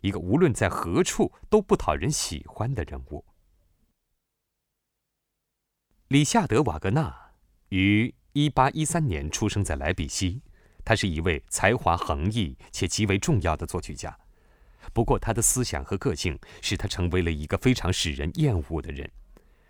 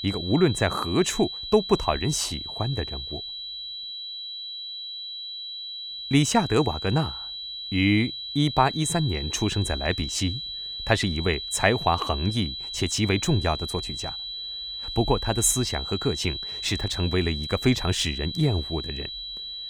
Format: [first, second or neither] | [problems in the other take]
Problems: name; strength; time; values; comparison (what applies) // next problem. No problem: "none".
first | high-pitched whine; loud; throughout; 4 kHz, 7 dB below the speech